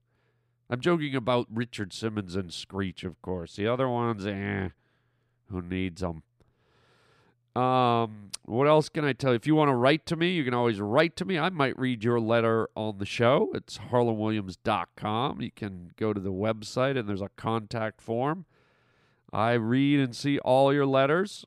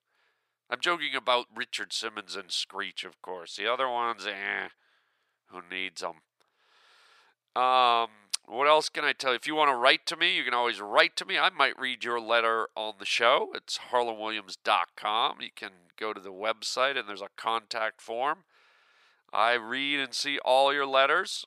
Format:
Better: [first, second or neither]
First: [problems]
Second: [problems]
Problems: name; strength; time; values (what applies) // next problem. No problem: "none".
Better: first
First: none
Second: thin; very; fading below 850 Hz